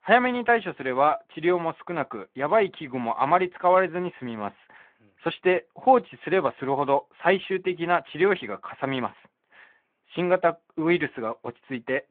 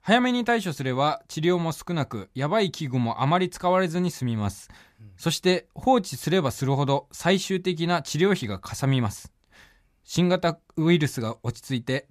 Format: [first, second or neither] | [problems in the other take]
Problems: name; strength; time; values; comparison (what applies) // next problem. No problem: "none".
second | phone-call audio